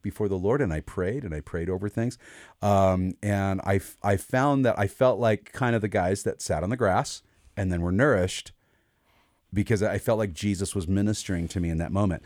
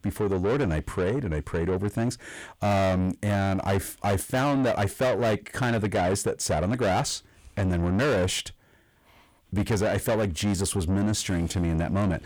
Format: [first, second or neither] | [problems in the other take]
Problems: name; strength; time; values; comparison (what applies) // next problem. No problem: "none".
first | distortion; heavy; 8 dB below the speech